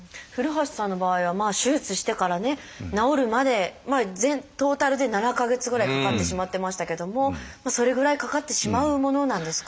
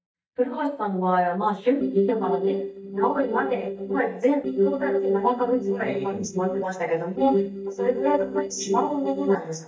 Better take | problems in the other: first | noise reduction (neural mask model DeepFilterNet 3)

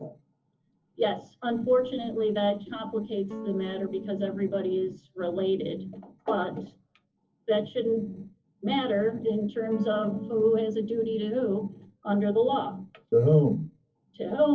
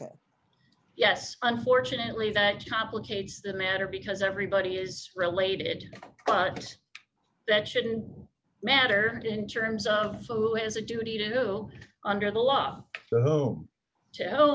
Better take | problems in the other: second | noise reduction (neural separator model SepFormer DNS4)

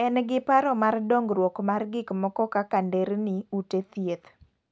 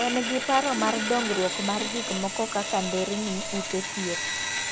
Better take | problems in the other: first | background sound (Sawing); 2 dB below the speech

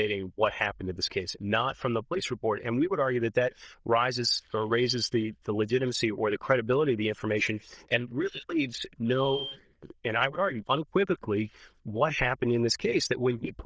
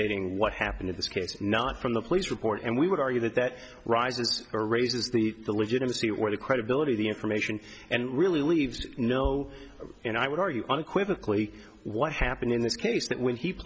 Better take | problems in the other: second | noise reduction (neural diffusion model UNIVERSE++)

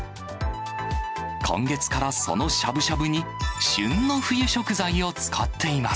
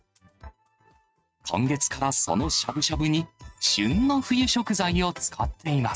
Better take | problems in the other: first | noise reduction (neural mask model RNNoise)

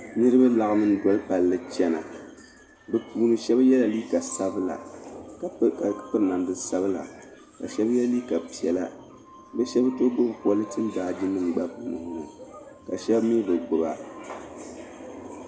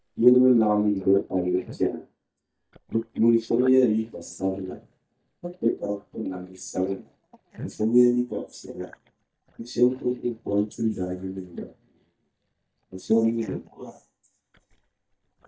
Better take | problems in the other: first | noise reduction (neural mask model DeepFilterNet 3)

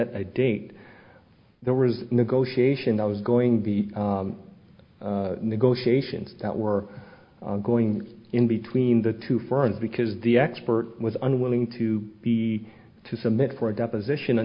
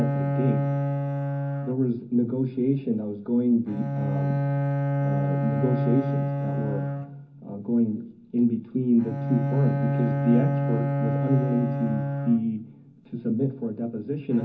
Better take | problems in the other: first | background sound (Bowed string instrument); 1 dB below the speech // room echo; dies away in 0.3 s

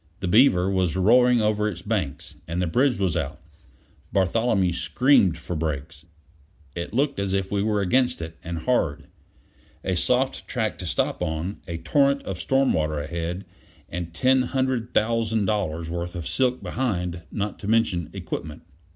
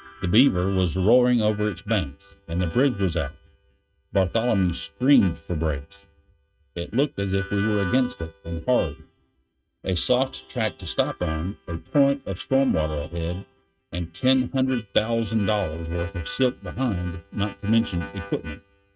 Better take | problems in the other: first | noise reduction (neural mask model RNNoise)

